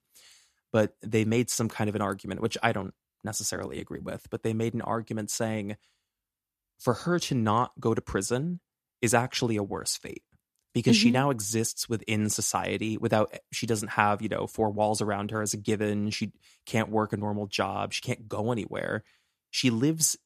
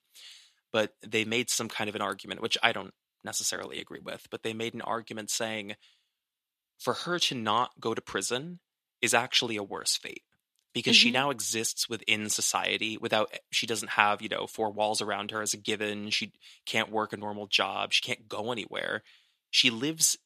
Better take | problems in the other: first | thin; very slightly; fading below 950 Hz

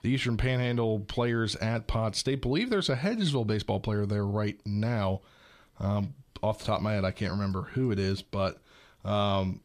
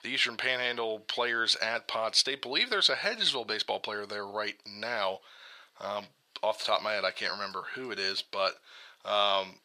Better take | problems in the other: first | thin; very; fading below 650 Hz

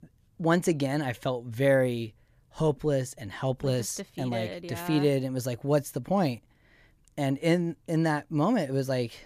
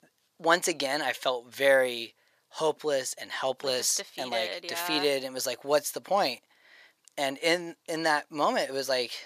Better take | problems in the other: first | thin; very; fading below 650 Hz

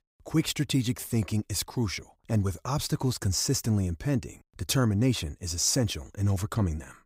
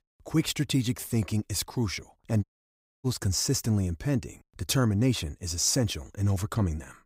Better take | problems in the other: first | audio cutting out; at 2.5 s for 0.5 s

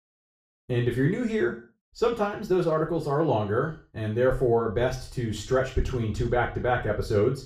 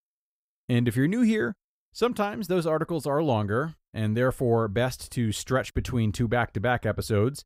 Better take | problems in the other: second | room echo; slight; dies away in 0.4 s // off-mic speech; far

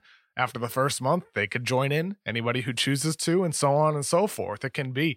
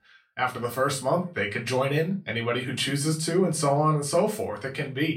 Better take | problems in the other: first | off-mic speech; far // room echo; very slight; dies away in 0.3 s

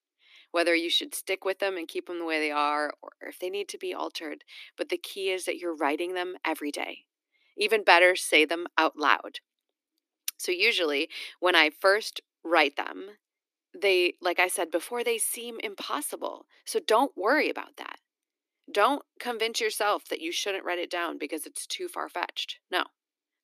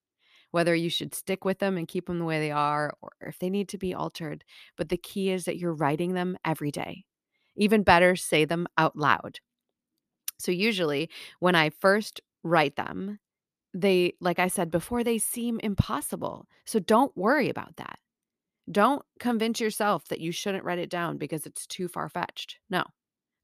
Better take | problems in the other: second | thin; somewhat; fading below 300 Hz

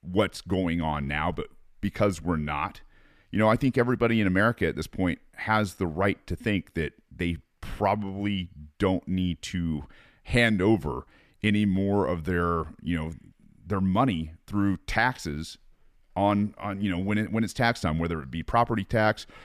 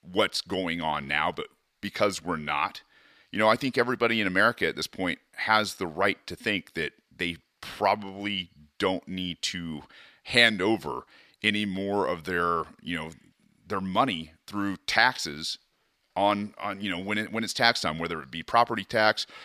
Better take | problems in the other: first | thin; somewhat; fading below 600 Hz

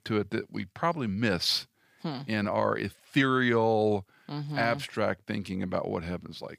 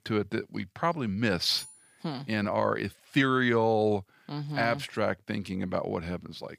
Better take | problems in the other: first | clattering dishes; faint; at 1.5 s; peak 15 dB below the speech

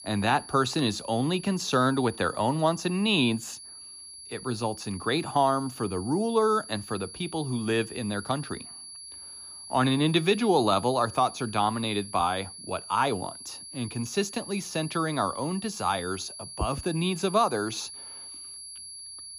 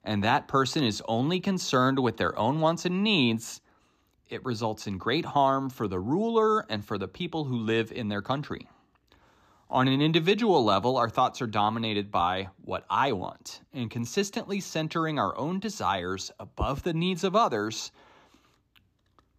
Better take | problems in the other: second | high-pitched whine; noticeable; throughout; 10.5 kHz, 15 dB below the speech

